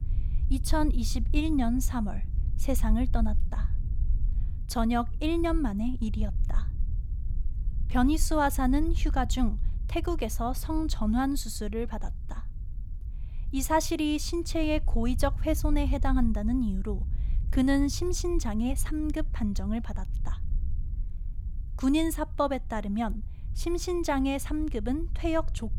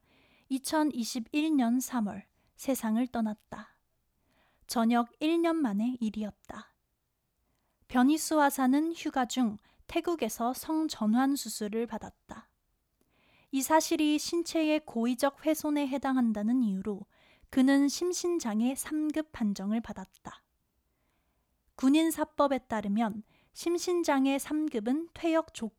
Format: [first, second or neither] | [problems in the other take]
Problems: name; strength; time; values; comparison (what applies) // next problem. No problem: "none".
second | low rumble; faint; throughout; 20 dB below the speech